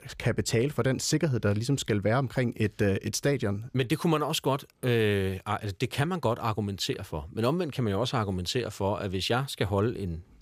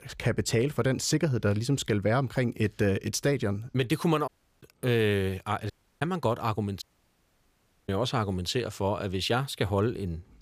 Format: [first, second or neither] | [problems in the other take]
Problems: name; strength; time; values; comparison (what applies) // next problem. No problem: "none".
first | audio cutting out; at 4.5 s, at 5.5 s and at 7 s for 1 s